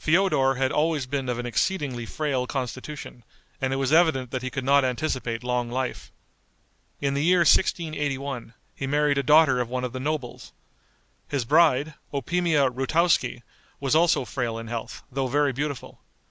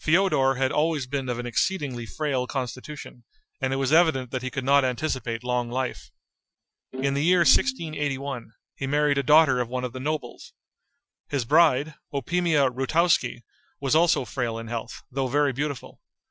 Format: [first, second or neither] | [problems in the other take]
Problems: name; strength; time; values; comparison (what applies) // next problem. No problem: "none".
first | noise reduction (classical method Wiener filter)